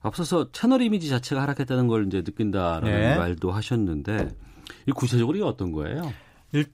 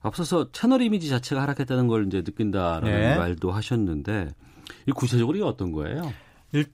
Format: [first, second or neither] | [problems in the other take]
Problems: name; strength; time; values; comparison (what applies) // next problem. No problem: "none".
second | door banging; noticeable; at 4 s; peak 8 dB below the speech